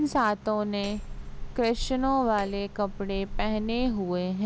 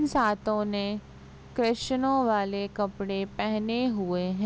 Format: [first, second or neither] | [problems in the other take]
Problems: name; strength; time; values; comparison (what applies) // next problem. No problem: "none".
second | background sound (Hammer); 7 dB below the speech